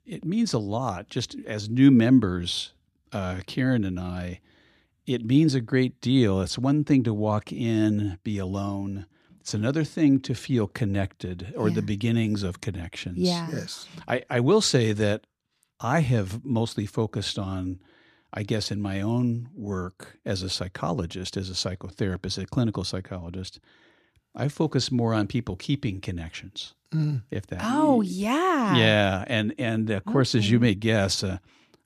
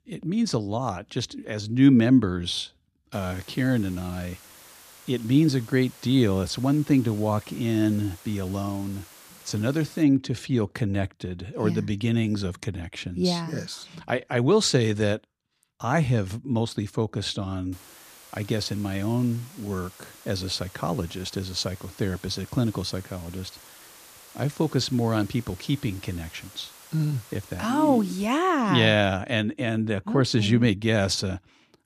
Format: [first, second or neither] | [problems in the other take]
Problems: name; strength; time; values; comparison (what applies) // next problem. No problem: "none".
first | hiss; faint; from 3 to 10 s and from 18 to 28 s; 20 dB below the speech